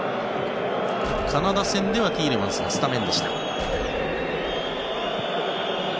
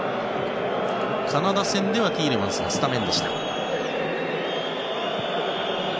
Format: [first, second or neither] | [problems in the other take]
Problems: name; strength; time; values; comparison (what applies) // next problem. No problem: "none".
second | background sound (Explosion); 15 dB below the speech